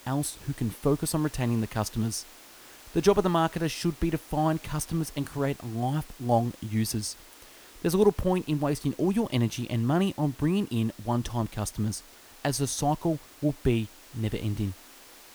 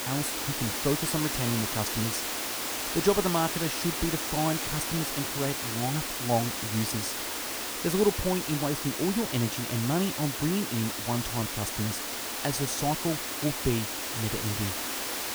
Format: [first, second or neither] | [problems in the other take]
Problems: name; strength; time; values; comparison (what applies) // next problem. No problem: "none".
first | hiss; loud; throughout; as loud as the speech; faint in the first